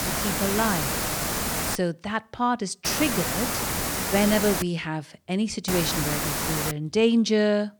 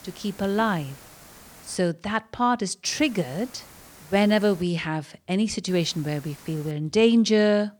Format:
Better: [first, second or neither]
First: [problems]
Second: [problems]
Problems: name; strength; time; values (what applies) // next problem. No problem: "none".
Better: second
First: hiss; loud; until 2 s, from 3 to 4.5 s and from 5.5 to 6.5 s; as loud as the speech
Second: hiss; faint; until 2 s, from 3 to 4.5 s and from 5.5 to 6.5 s; 20 dB below the speech